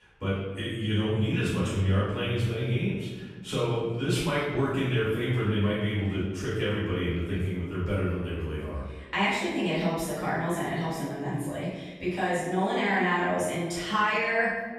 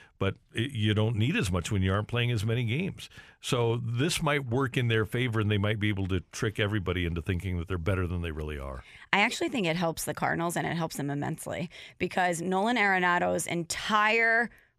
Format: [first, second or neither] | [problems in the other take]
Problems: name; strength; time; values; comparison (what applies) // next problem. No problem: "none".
second | off-mic speech; far // room echo; strong; dies away in 1.3 s